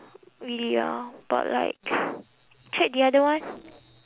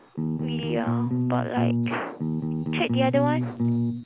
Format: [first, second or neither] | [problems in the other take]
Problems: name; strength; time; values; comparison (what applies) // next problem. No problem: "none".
first | background sound (Bass guitar); 5 dB above the speech